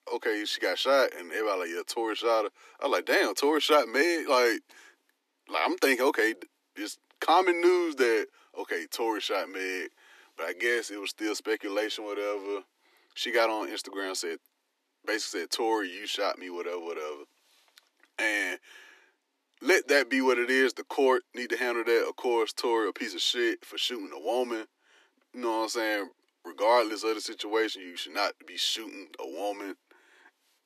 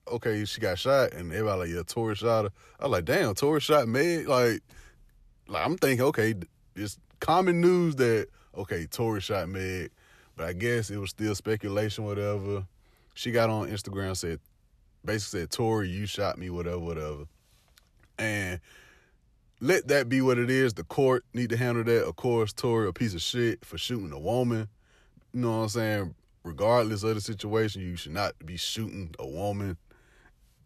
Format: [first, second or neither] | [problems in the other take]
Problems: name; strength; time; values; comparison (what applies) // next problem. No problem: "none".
second | thin; somewhat; fading below 250 Hz